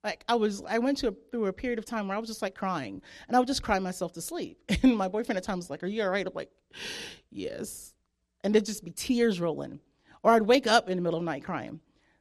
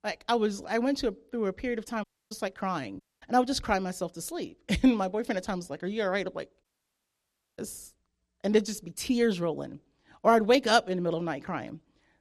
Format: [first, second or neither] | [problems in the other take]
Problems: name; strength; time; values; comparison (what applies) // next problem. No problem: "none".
first | audio cutting out; at 2 s, at 3 s and at 6.5 s for 1 s